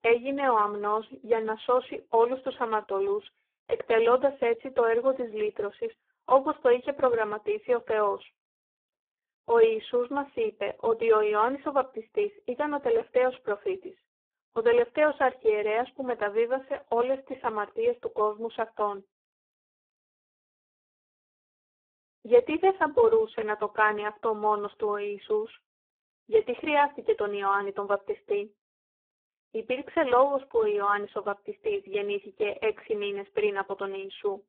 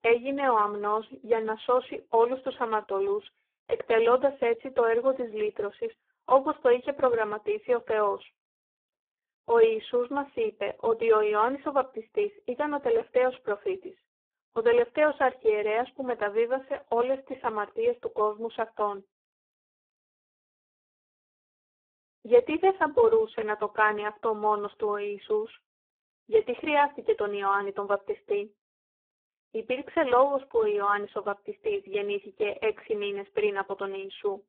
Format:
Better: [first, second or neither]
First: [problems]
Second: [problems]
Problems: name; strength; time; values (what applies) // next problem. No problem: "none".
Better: neither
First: phone-call audio; poor line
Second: phone-call audio; poor line